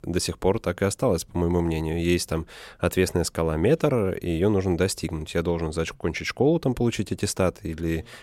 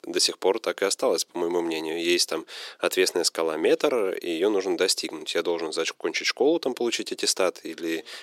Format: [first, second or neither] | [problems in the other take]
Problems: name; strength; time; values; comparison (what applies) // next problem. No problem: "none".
first | thin; somewhat; fading below 350 Hz